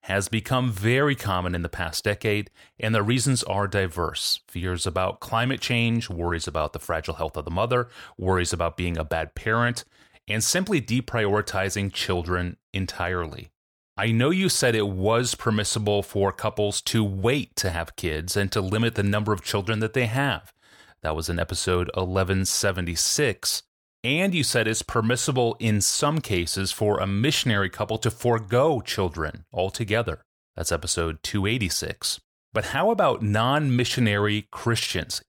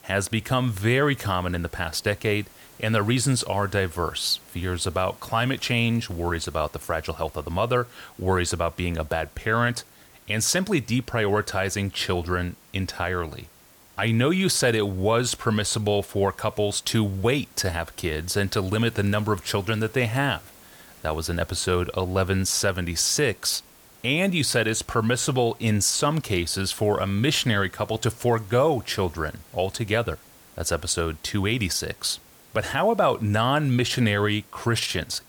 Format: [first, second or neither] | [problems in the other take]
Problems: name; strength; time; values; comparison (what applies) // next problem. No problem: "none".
first | hiss; faint; throughout; 25 dB below the speech